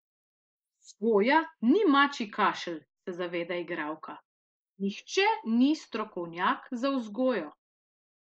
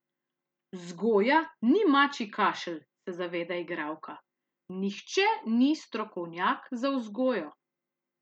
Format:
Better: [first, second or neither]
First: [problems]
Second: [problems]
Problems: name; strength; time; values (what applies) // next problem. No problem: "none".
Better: second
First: noise reduction (neural mask model Resemble Enhance denoiser)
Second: none